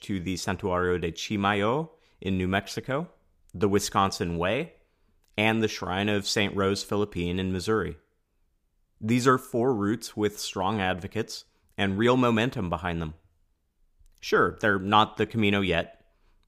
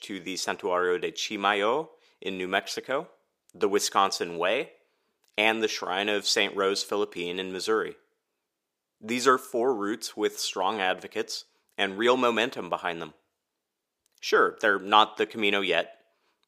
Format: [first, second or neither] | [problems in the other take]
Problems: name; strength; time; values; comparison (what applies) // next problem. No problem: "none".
first | thin; somewhat; fading below 400 Hz